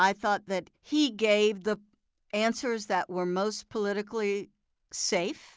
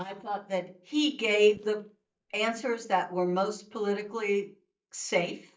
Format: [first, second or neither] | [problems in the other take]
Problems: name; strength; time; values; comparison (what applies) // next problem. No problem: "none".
first | noise reduction (neural mask model DeepFilterNet 3)